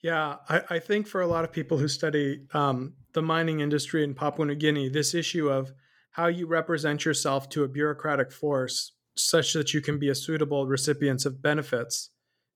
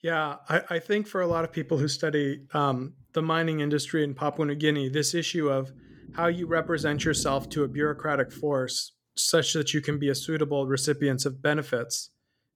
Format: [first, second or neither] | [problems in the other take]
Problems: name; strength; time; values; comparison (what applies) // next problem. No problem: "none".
first | low rumble; faint; from 1.5 to 4.5 s, from 5.5 to 8.5 s and from 10 s on; 20 dB below the speech